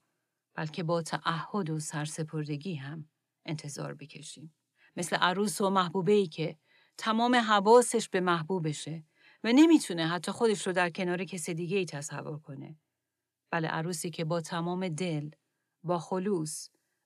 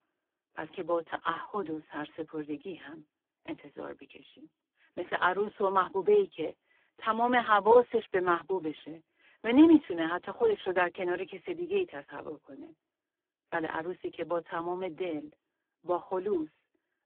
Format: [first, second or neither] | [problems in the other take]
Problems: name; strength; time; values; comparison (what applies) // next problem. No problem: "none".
first | phone-call audio; poor line